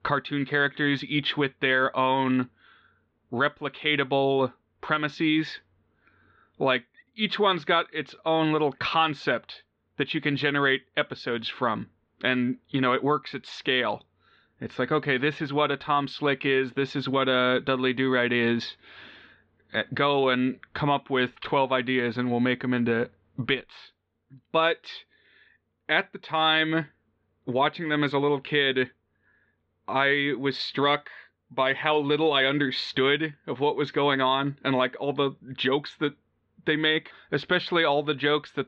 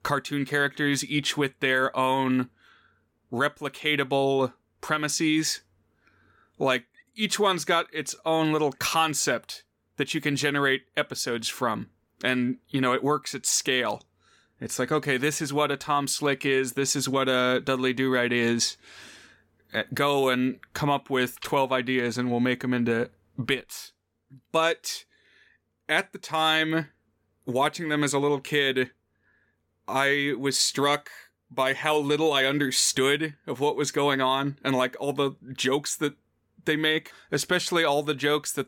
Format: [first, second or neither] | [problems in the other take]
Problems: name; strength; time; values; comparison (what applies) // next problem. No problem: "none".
second | muffled; slightly; fading above 3.5 kHz